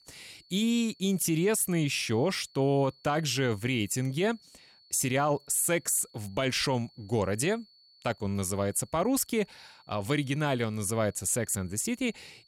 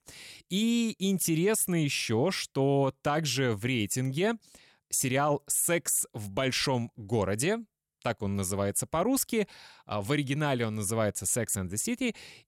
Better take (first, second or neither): second